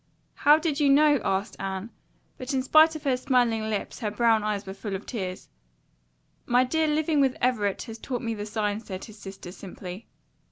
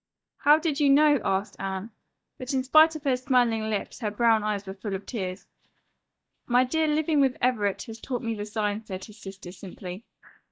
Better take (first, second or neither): first